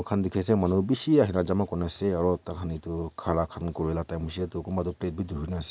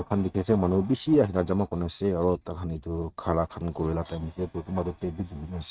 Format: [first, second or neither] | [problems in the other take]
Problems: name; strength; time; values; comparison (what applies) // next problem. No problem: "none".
first | noise reduction (neural mask model RNNoise)